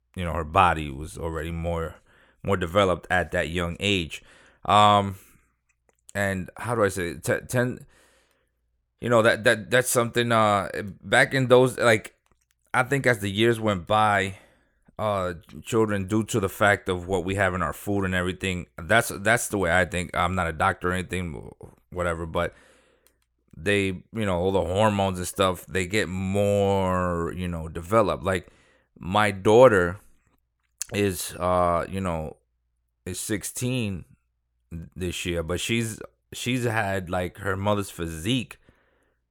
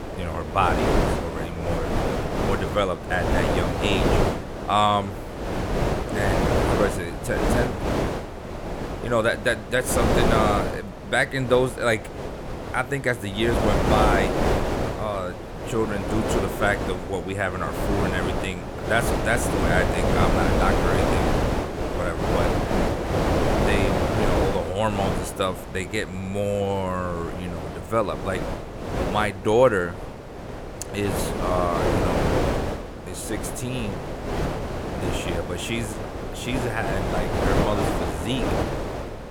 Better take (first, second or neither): first